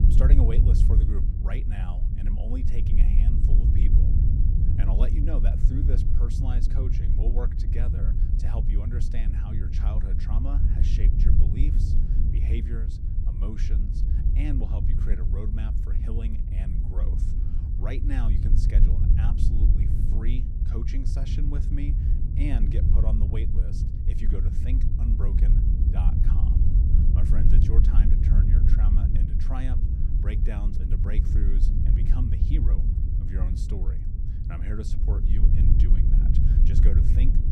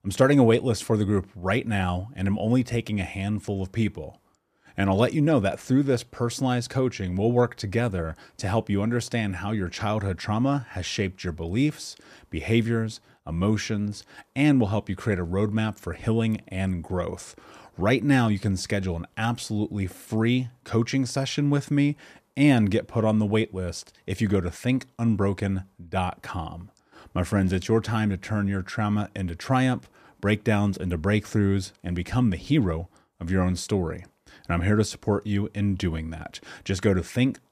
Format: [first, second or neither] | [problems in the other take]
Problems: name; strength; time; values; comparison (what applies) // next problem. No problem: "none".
second | wind noise on the microphone; heavy; 1 dB above the speech